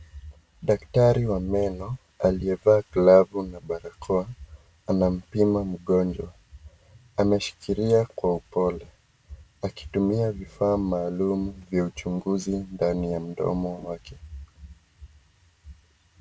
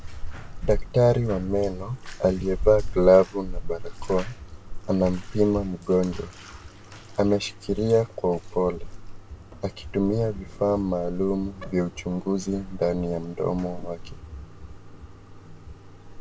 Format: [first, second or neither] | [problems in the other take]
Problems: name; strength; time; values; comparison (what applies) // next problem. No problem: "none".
first | background sound (Bathtub (filling or washing)); 8 dB below the speech